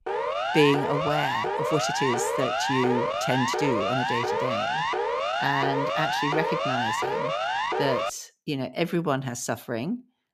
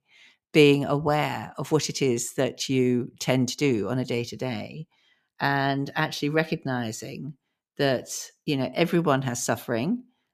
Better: second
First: siren; loud; until 8 s; peak 2 dB above the speech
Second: none

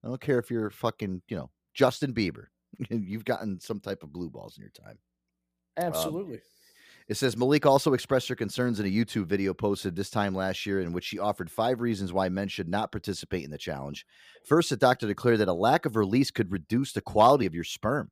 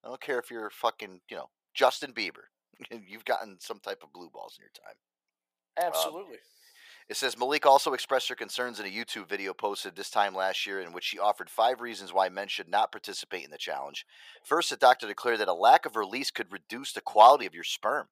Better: first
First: none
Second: thin; very; fading below 700 Hz

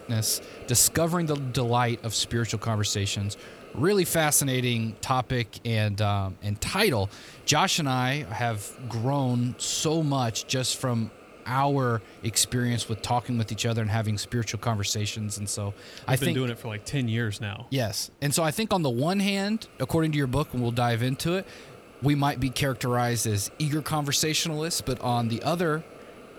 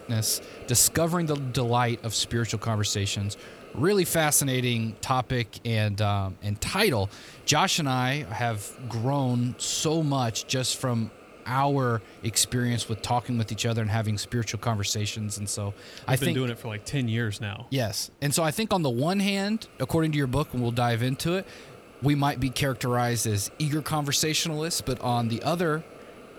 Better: neither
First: hiss; faint; throughout; 20 dB below the speech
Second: hiss; faint; throughout; 20 dB below the speech

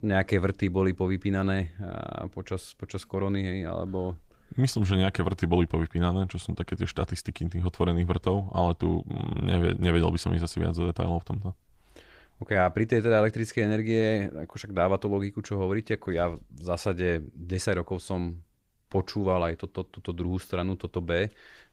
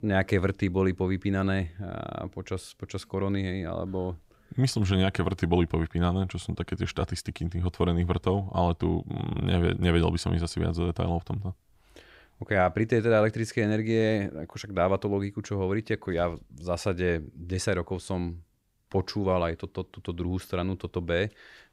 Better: second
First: garbled, watery; slightly; nothing above 15.5 kHz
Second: none

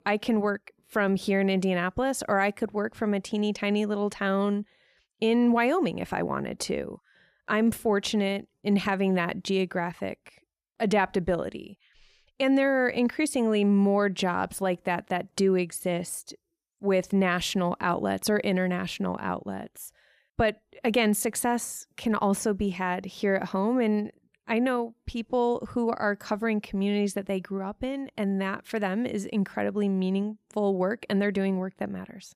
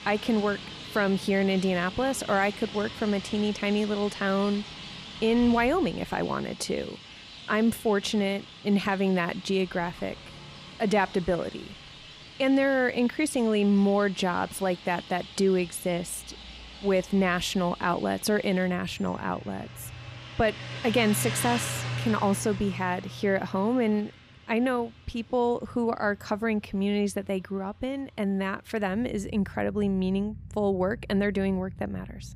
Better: first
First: none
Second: traffic noise; noticeable; throughout; 15 dB below the speech

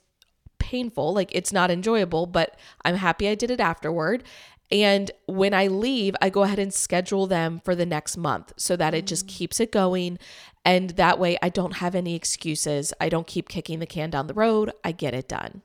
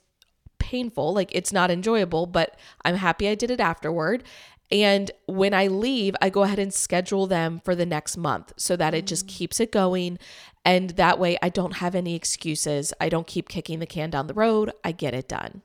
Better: neither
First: none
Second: none

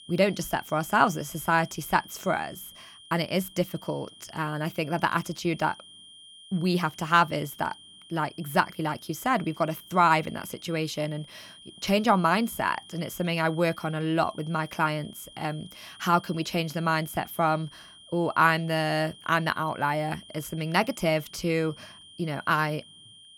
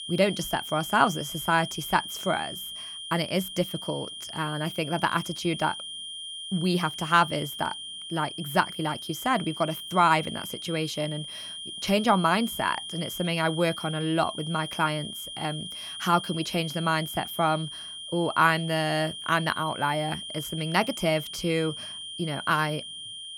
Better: first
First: high-pitched whine; faint; throughout; 3 kHz, 20 dB below the speech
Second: high-pitched whine; loud; throughout; 3 kHz, 8 dB below the speech

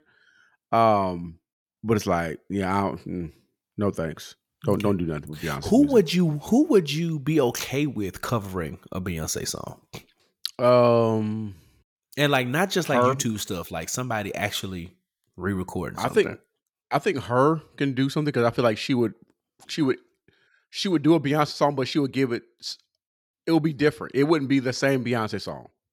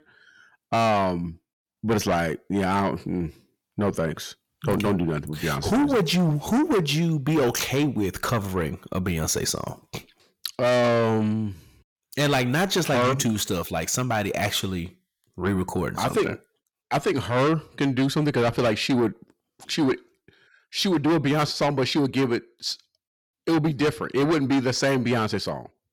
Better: first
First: none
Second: distortion; heavy; 6 dB below the speech

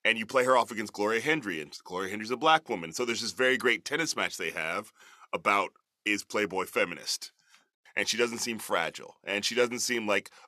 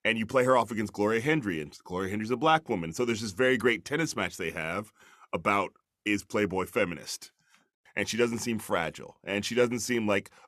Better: second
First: thin; very slightly; fading below 500 Hz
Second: none

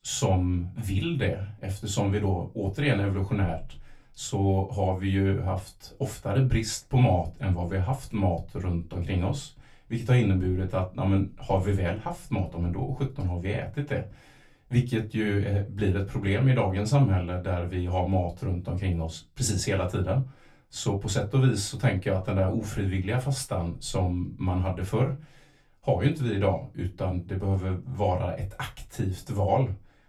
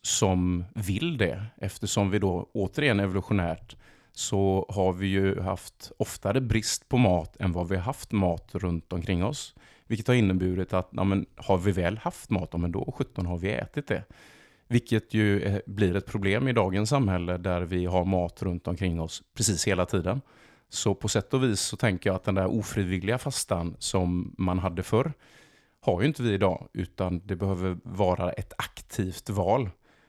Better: second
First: off-mic speech; far // room echo; very slight; dies away in 0.2 s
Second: none

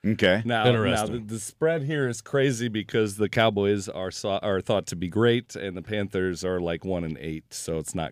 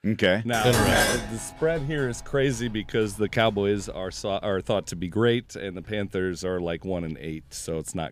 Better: first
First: none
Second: clattering dishes; loud; from 0.5 to 4 s; peak 5 dB above the speech

